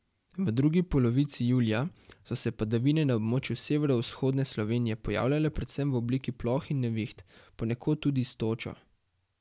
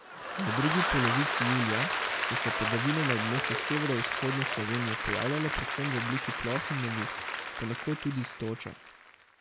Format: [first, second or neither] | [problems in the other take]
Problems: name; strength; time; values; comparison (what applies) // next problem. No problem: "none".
first | background sound (Applause / Crowd); as loud as the speech